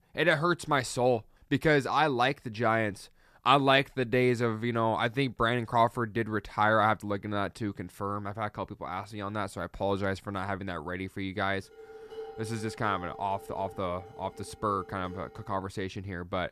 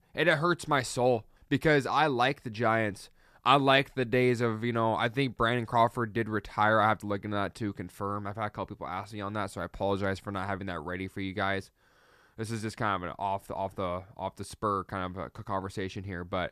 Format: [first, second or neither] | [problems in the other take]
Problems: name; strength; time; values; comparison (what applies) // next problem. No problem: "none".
second | clattering dishes; faint; from 12 to 16 s; peak 15 dB below the speech